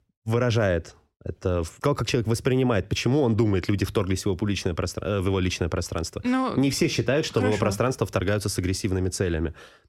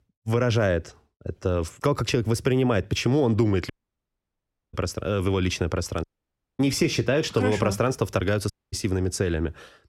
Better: first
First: none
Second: audio cutting out; at 3.5 s for 1 s, at 6 s for 0.5 s and at 8.5 s

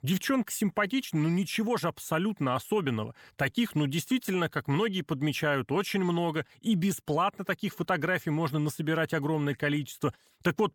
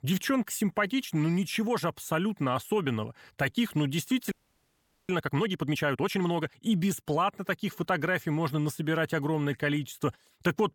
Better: first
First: none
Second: audio freezing; at 4.5 s for 1 s

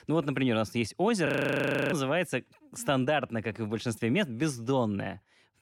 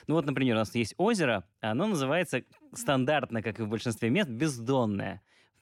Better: second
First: audio freezing; at 1.5 s for 0.5 s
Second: none

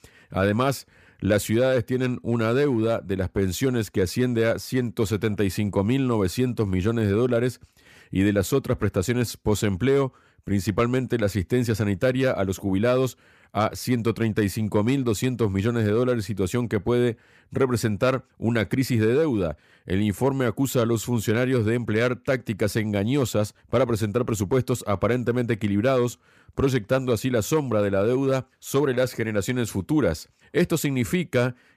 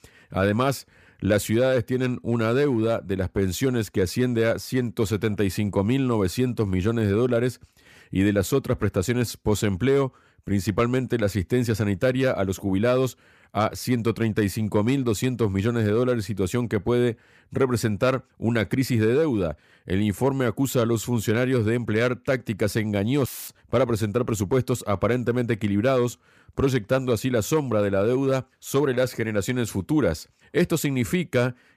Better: first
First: none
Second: audio cutting out; filled with static; at 23 s

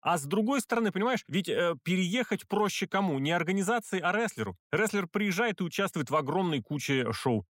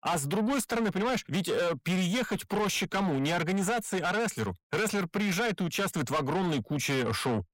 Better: first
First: none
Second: distortion; heavy; 8 dB below the speech

